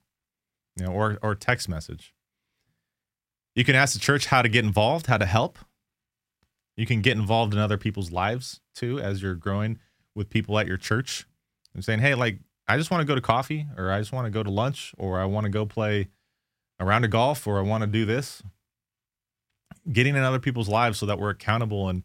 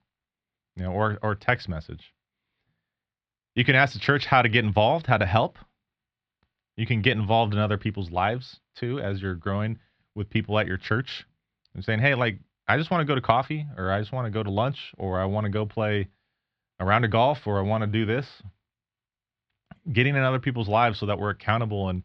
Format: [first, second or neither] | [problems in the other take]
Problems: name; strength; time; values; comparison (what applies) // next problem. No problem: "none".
first | muffled; slightly; fading above 4 kHz